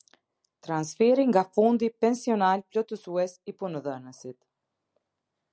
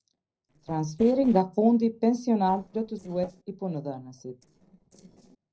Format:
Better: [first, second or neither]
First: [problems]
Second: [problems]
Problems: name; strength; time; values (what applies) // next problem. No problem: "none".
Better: first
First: none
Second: noise reduction (neural separator model SepFormer DNS4)